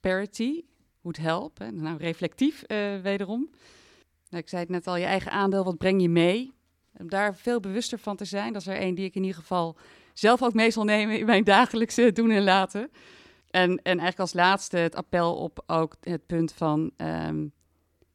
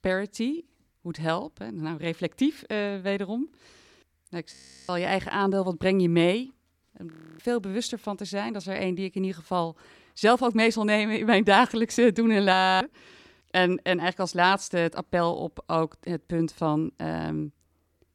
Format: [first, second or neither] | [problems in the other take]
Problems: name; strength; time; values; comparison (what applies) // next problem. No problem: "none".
first | audio freezing; at 4.5 s, at 7 s and at 13 s